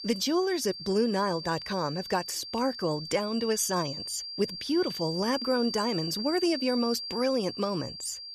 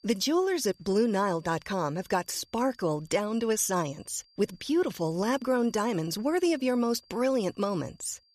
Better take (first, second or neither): second